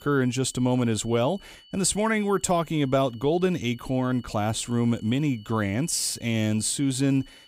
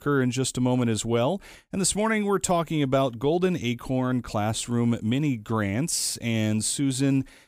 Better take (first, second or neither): second